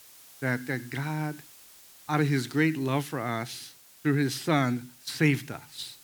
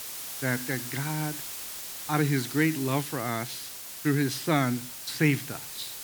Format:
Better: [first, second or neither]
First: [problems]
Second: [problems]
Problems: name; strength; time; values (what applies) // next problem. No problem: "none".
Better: first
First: hiss; faint; throughout; 20 dB below the speech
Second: hiss; loud; throughout; 7 dB below the speech